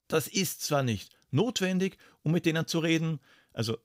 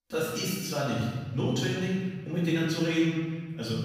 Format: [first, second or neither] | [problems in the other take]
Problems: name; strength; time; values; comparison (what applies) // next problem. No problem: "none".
first | off-mic speech; far // room echo; strong; dies away in 1.6 s